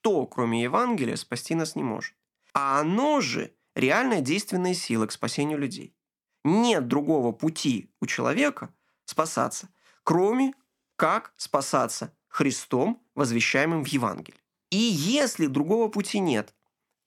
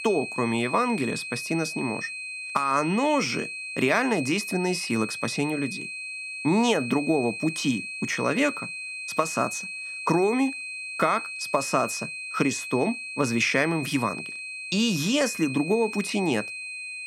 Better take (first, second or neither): first